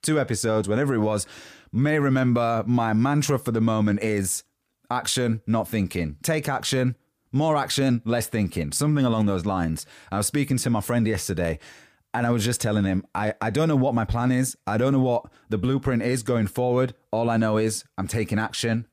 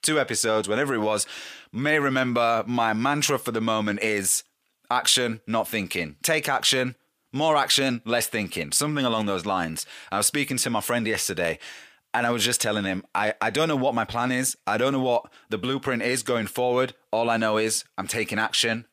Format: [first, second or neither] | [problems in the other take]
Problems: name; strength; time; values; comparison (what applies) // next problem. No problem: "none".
first | thin; somewhat; fading below 650 Hz